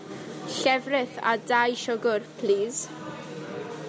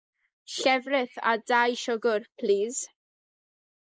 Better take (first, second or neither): first